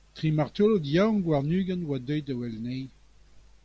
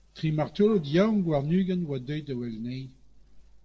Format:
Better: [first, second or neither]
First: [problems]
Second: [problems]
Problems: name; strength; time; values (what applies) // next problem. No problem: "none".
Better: first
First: none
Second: noise reduction (neural separator model SepFormer DNS4)